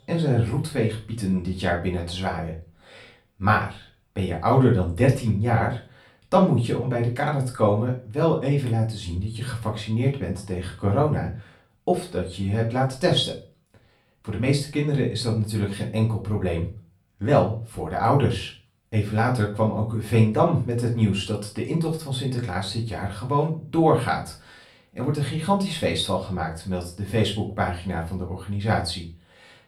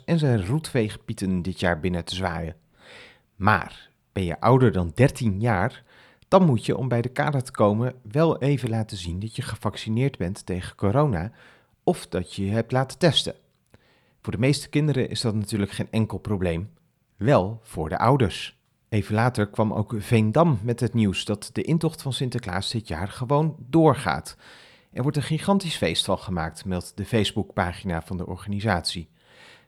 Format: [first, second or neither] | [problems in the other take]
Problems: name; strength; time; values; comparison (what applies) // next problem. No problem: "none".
second | room echo; slight; dies away in 0.3 s // off-mic speech; far